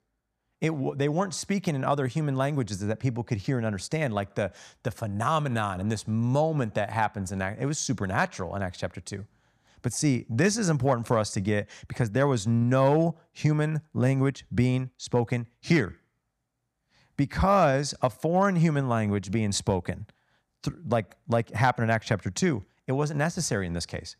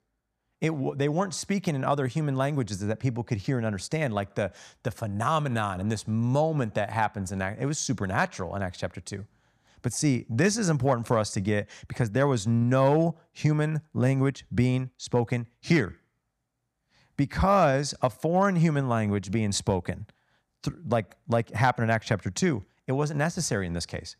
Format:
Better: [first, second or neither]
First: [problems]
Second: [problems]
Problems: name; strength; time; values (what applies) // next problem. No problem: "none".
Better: neither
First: none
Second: none